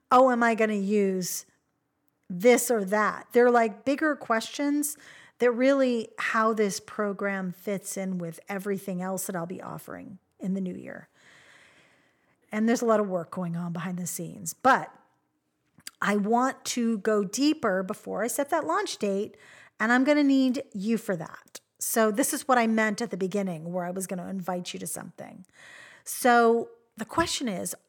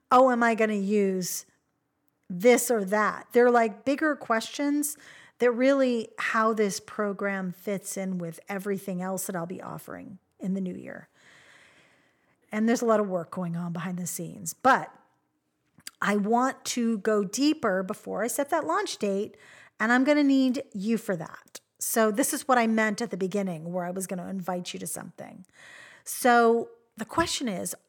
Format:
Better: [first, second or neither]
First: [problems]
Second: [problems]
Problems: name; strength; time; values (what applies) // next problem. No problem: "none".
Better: neither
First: none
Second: none